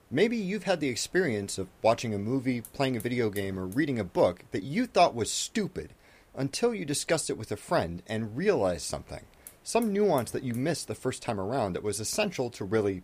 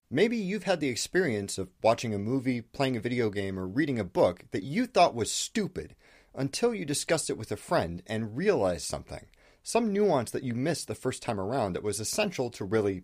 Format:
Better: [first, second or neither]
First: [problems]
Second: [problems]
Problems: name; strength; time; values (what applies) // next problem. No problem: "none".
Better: second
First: hiss; faint; throughout; 25 dB below the speech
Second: none